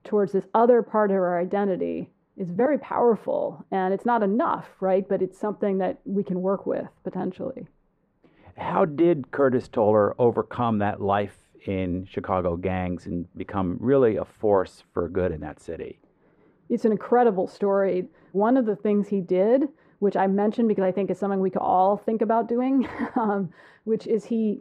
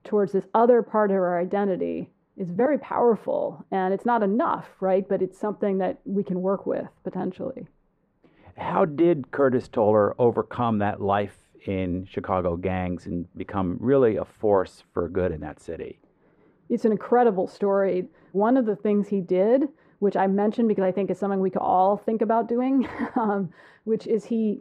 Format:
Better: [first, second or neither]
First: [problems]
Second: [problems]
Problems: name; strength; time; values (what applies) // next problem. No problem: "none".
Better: neither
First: muffled; very; fading above 2 kHz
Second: muffled; very; fading above 2 kHz